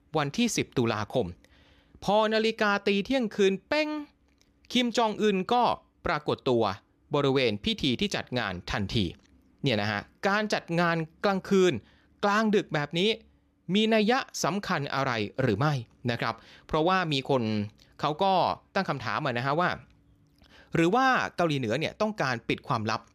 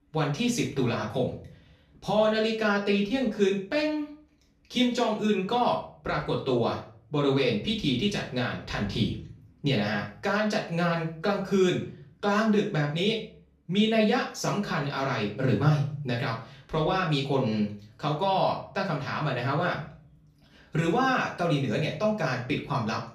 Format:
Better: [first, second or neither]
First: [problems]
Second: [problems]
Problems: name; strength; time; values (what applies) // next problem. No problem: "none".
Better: first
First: none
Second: room echo; slight; dies away in 0.4 s // off-mic speech; far